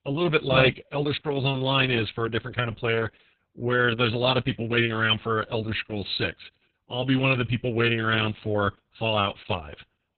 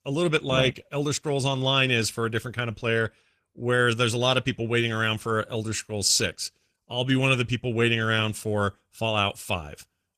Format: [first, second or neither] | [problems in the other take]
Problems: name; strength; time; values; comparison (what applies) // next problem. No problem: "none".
second | garbled, watery; badly; nothing above 4 kHz; slightly in the second